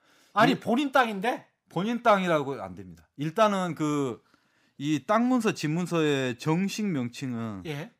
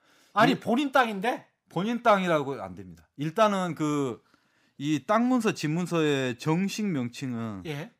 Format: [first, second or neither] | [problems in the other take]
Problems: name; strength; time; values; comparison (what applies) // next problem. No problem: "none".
neither | none